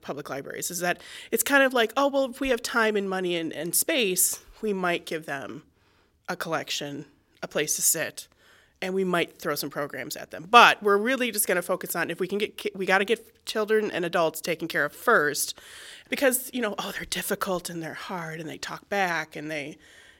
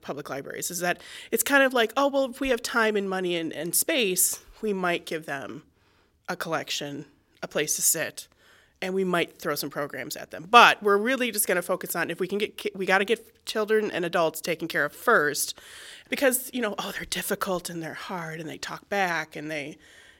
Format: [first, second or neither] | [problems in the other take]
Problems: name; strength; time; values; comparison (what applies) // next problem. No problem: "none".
neither | none